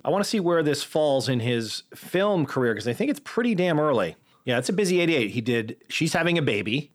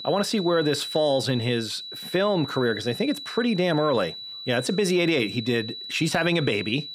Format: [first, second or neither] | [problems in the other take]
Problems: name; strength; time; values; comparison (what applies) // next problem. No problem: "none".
first | high-pitched whine; loud; throughout; 4 kHz, 9 dB below the speech